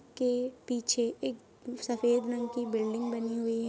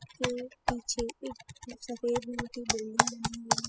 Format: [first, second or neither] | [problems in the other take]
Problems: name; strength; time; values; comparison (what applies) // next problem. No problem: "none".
first | noise reduction (classical method spectral subtraction)